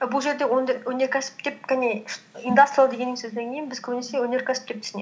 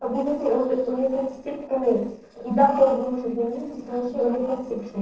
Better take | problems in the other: first | noise reduction (neural separator model SepFormer DNS4)

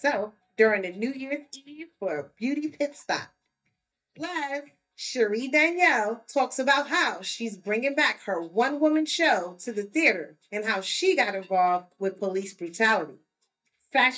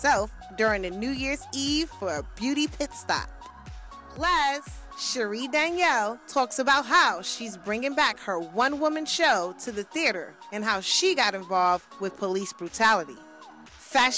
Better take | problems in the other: second | noise reduction (neural mask model DeepFilterNet 3)

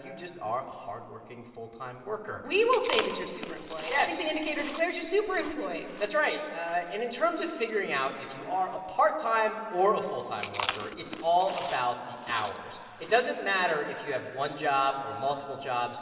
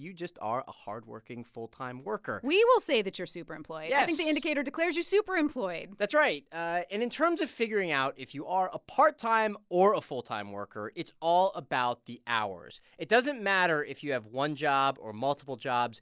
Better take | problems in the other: second | background sound (Chewing, mastication); 11 dB below the speech // room echo; dies away in 2.7 s

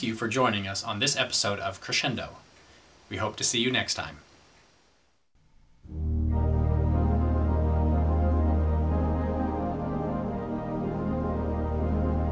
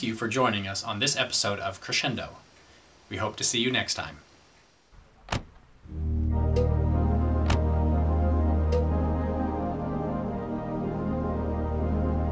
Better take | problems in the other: first | background sound (Car + Cowbell); 11 dB below the speech

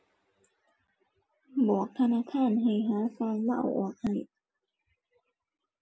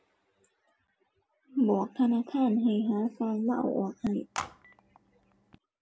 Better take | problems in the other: first | background sound (Telephone); 14 dB below the speech

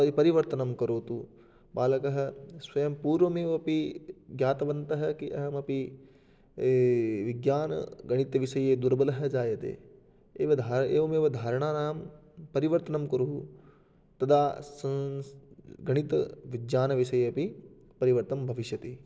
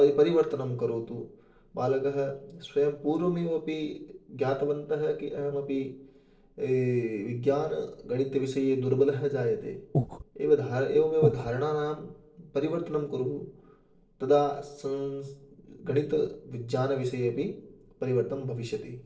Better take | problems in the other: first | noise reduction (neural separator model SepFormer DNS4)

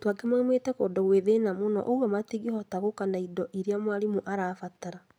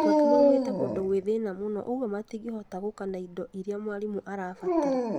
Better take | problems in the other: first | background sound (Dog); 3 dB above the speech

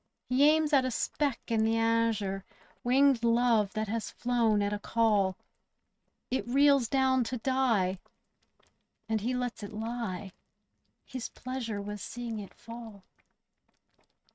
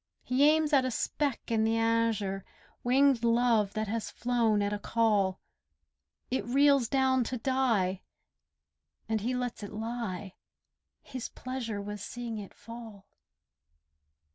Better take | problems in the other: second | noise reduction (neural mask model RNNoise)

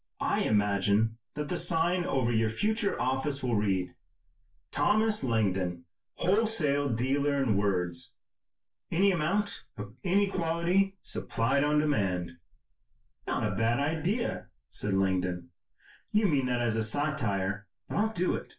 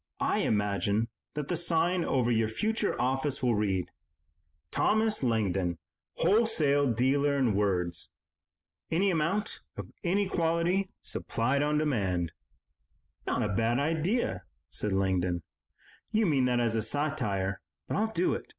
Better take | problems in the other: second | room echo; dies away in 0.2 s

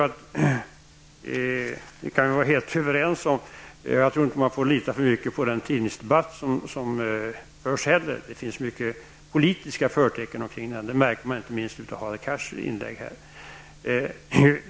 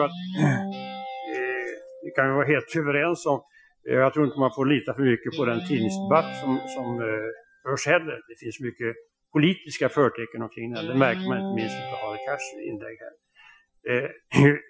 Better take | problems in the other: first | noise reduction (classical method Wiener filter)

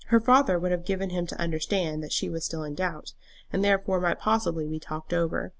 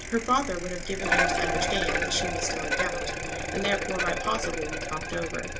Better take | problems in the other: first | background sound (Bicycle); 1 dB above the speech // room echo; dies away in 0.2 s

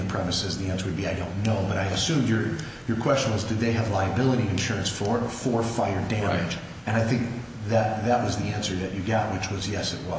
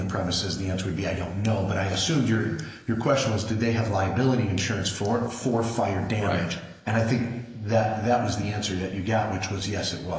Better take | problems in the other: first | noise reduction (neural mask model Resemble Enhance denoiser)

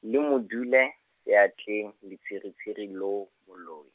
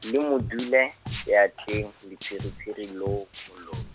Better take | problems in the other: first | background sound (Drum + Walk, footsteps); 11 dB below the speech

